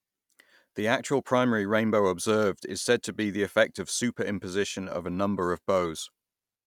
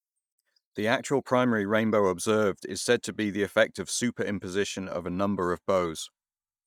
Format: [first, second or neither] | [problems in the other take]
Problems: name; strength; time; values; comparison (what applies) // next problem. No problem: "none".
first | noise reduction (neural mask model DeepFilterNet 3)